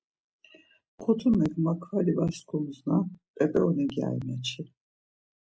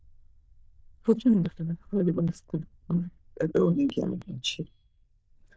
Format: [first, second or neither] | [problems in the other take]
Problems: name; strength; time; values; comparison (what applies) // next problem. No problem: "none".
first | noise reduction (neural diffusion model UNIVERSE++)